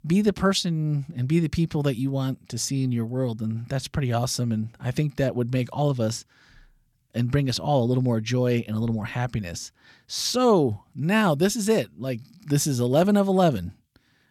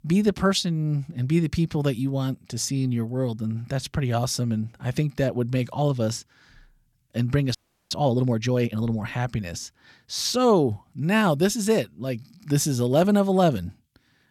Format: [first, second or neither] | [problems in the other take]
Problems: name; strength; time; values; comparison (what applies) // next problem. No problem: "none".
first | audio freezing; at 7.5 s